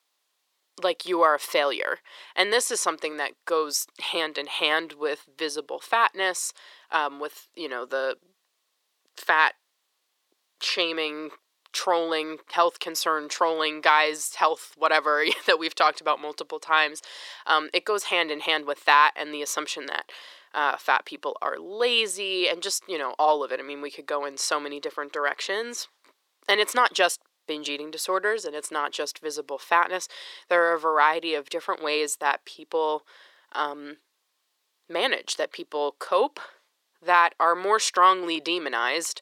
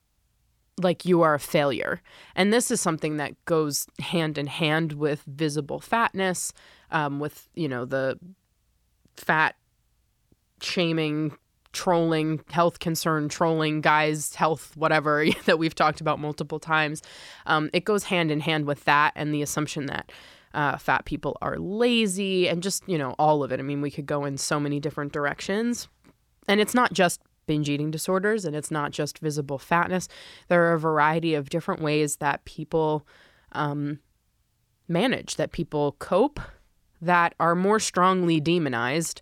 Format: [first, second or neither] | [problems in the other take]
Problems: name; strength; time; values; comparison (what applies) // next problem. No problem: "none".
second | thin; very; fading below 400 Hz